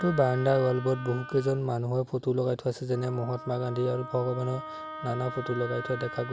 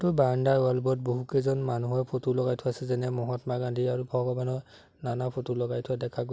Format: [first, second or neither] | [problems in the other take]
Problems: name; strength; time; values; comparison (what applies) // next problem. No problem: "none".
second | background sound (Wind instrument, woodwind instrument); 13 dB below the speech